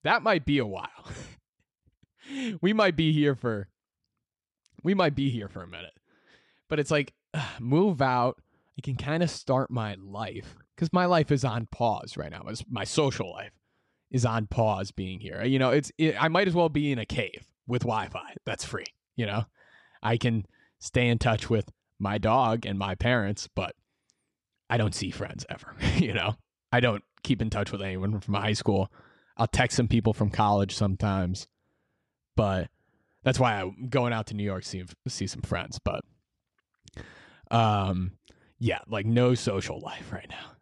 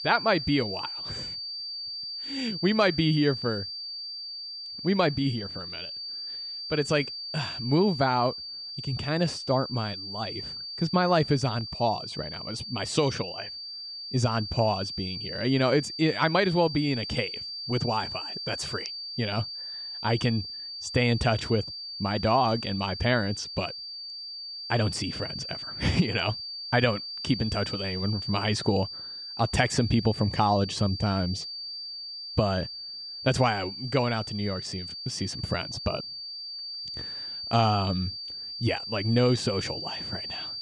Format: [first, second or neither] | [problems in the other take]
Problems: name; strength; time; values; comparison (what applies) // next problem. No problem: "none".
first | high-pitched whine; loud; throughout; 4.5 kHz, 7 dB below the speech